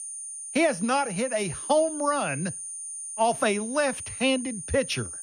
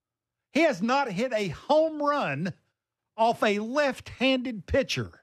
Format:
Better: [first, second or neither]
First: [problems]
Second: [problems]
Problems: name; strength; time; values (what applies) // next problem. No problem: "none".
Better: second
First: high-pitched whine; loud; throughout; 9 kHz, 8 dB below the speech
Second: none